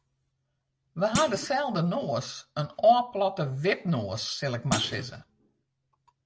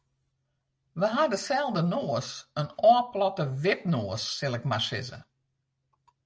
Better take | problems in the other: second | background sound (Thump, thud); 8 dB below the speech

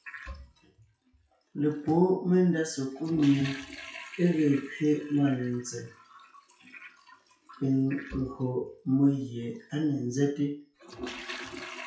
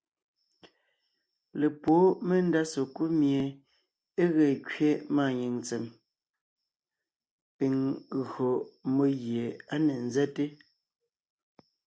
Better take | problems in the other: second | noise reduction (classical method WPE with log-MMSE)

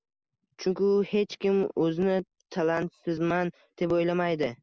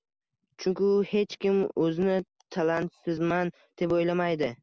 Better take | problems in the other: second | noise reduction (neural mask model Resemble Enhance denoiser)

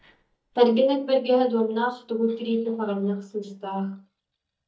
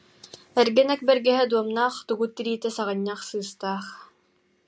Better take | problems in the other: second | noise reduction (neural mask model DeepFilterNet 3)

